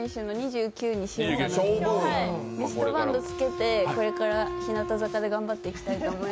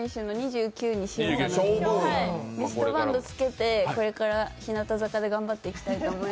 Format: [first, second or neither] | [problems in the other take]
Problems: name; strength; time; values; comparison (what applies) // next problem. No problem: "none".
second | background sound (Wind instrument, woodwind instrument); 10 dB below the speech